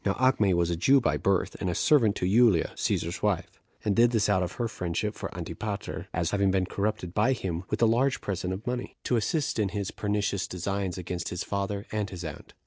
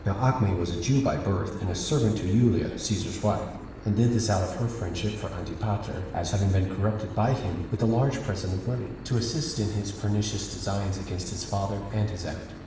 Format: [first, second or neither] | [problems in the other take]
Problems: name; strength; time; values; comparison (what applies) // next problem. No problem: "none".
first | background sound (Engine / Boat, Water vehicle); 14 dB below the speech // room echo; dies away in 1 s